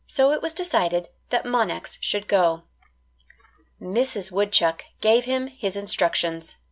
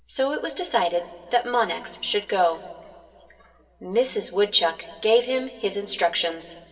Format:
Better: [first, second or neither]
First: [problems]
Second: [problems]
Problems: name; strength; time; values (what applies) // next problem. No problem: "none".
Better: first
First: none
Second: room echo; dies away in 2.9 s